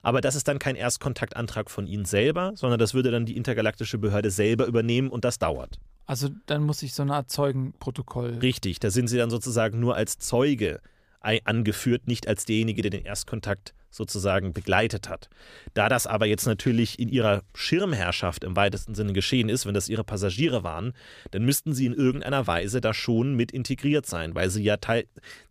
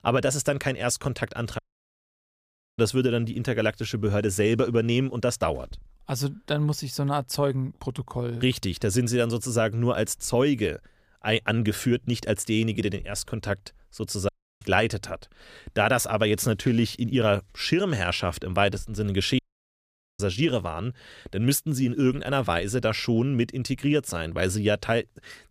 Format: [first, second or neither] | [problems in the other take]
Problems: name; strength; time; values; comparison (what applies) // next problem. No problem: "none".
first | audio cutting out; at 1.5 s for 1 s, at 14 s and at 19 s for 1 s